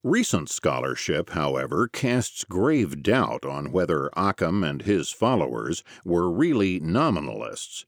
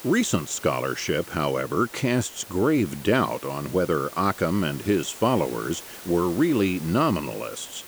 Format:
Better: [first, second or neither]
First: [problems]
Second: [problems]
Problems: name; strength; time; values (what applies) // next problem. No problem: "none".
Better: first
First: none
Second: hiss; noticeable; throughout; 15 dB below the speech